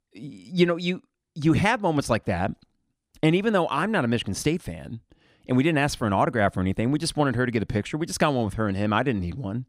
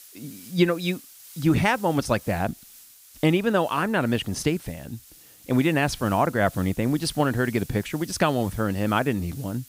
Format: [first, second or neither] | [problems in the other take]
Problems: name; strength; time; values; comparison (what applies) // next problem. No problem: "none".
first | hiss; faint; throughout; 20 dB below the speech